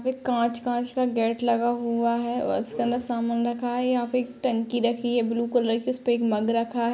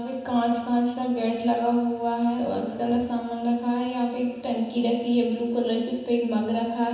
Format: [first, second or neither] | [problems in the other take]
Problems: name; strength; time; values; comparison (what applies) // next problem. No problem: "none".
first | room echo; dies away in 1.1 s